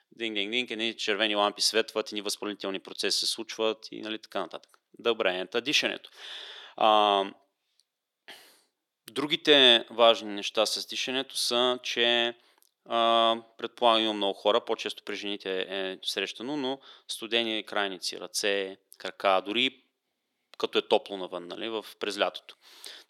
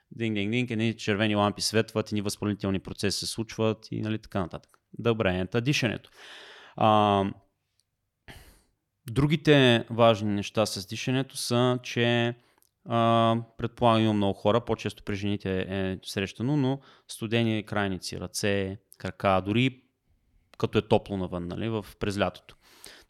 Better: second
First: thin; somewhat; fading below 350 Hz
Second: none

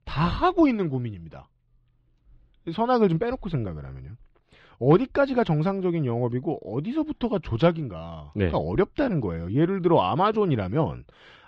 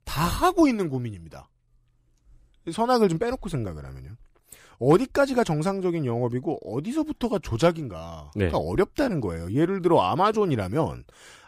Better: second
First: muffled; slightly; fading above 3.5 kHz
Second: none

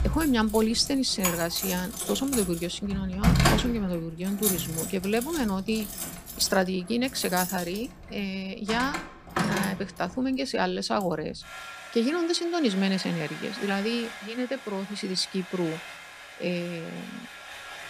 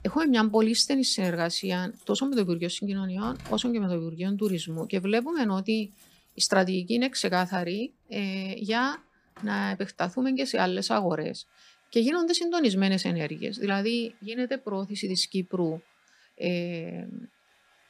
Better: second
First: household noises; loud; throughout; 4 dB below the speech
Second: household noises; faint; throughout; 30 dB below the speech

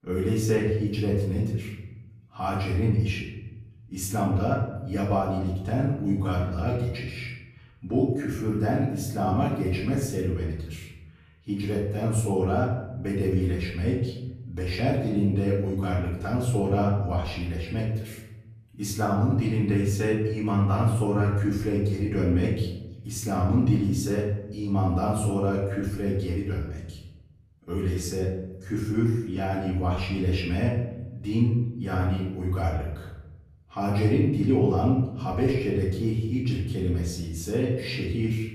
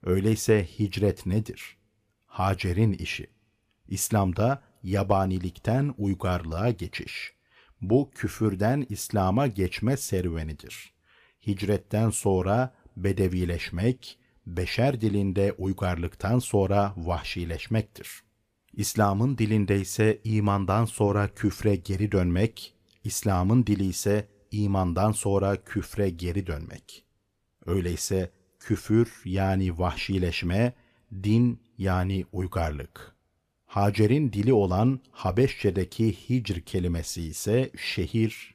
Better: second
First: off-mic speech; far // room echo; noticeable; dies away in 0.9 s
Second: none

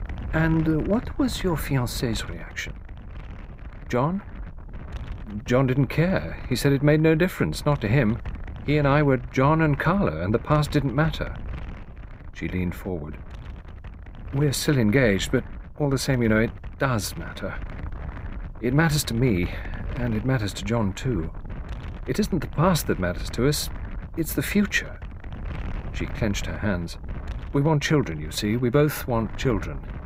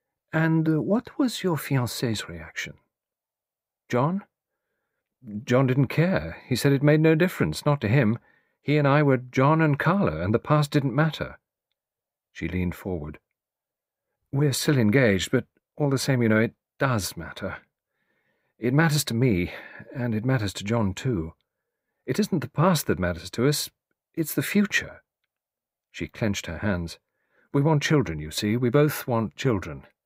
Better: second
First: wind noise on the microphone; occasional gusts; 20 dB below the speech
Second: none

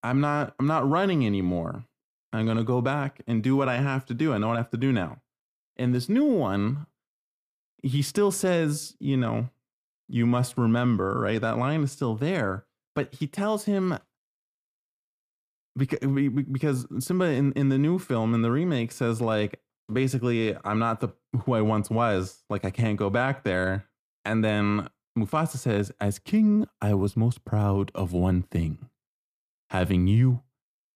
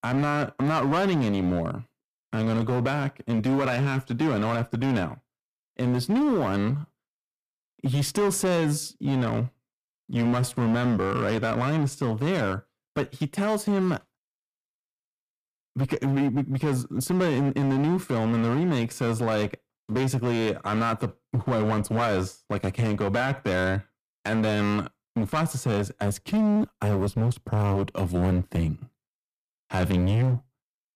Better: first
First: none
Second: distortion; slight; 14% of the sound clipped

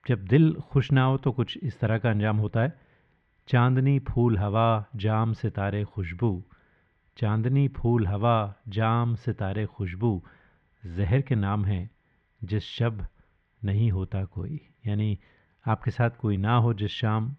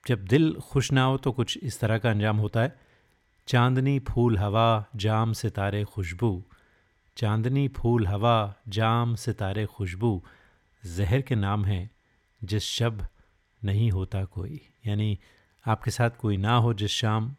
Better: second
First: muffled; very; fading above 3 kHz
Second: none

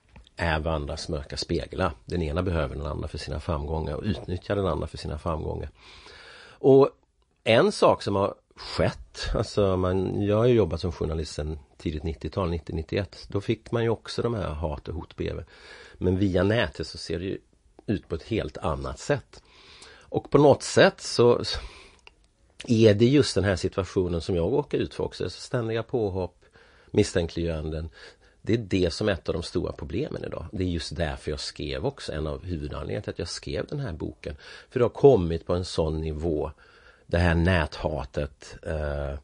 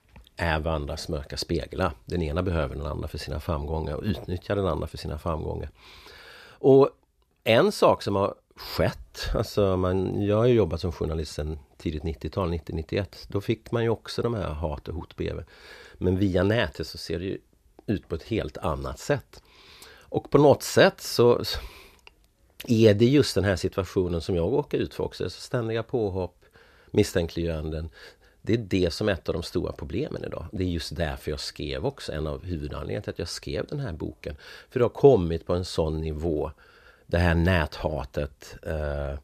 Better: second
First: garbled, watery; slightly; nothing above 10 kHz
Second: none

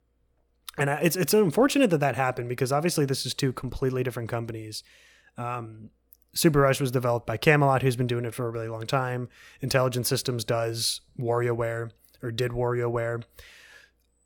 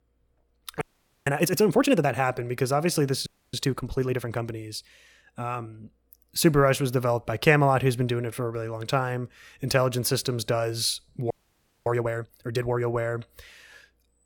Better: first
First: none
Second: audio freezing; at 1 s, at 3.5 s and at 11 s for 0.5 s

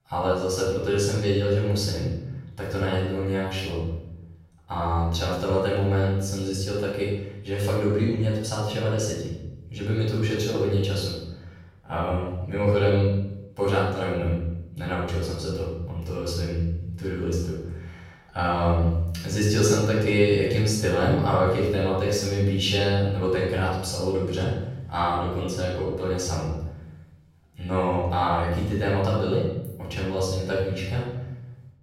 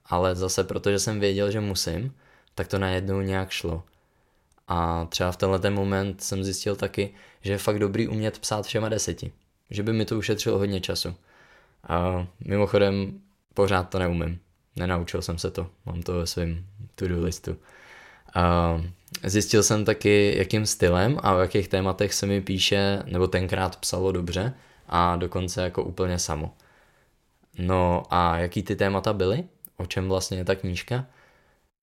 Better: second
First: room echo; strong; dies away in 1 s // off-mic speech; far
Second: none

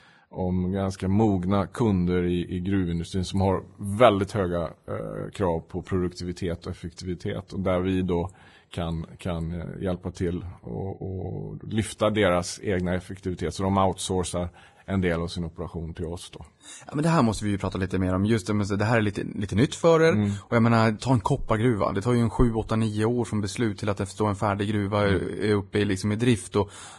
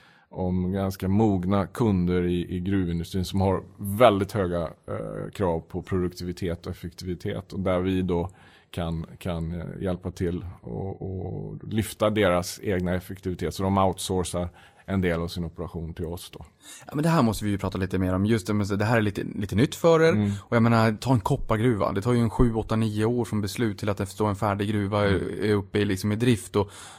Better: second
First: garbled, watery; badly; nothing above 10.5 kHz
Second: garbled, watery; slightly; nothing above 15 kHz

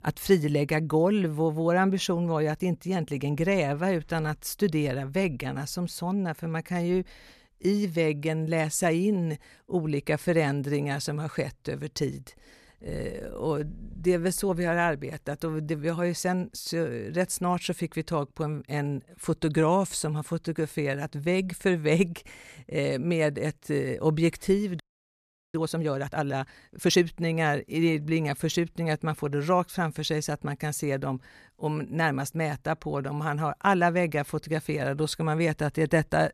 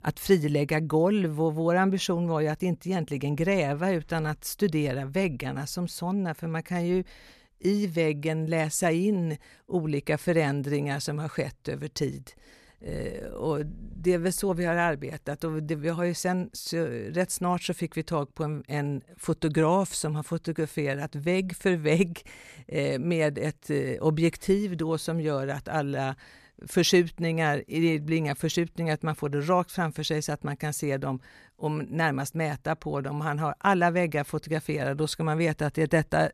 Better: second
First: audio freezing; at 25 s for 0.5 s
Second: none

